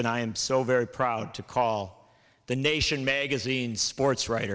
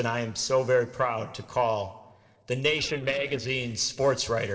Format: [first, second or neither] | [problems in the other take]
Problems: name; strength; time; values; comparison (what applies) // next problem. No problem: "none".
first | noise reduction (neural separator model SepFormer DNS4)